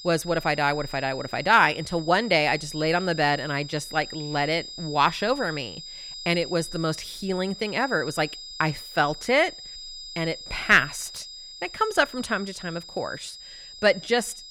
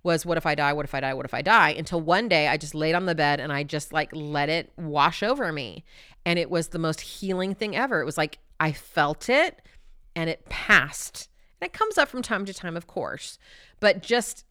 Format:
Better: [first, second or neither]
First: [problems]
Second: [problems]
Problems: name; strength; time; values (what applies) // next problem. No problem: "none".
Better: second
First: high-pitched whine; noticeable; throughout; 5 kHz, 15 dB below the speech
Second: none